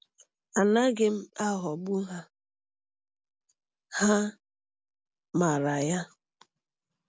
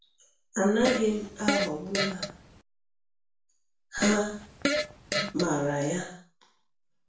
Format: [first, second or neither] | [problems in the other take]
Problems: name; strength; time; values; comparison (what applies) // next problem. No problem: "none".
first | background sound (Fart); 1 dB below the speech // room echo; dies away in 0.5 s